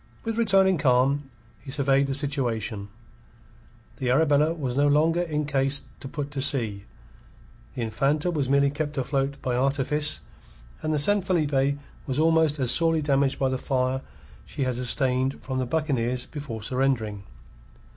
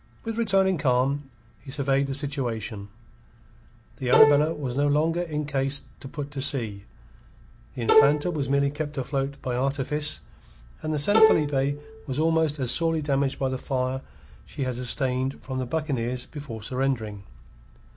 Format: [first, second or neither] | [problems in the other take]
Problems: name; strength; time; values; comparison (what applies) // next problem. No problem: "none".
first | background sound (Bowed string instrument); 3 dB above the speech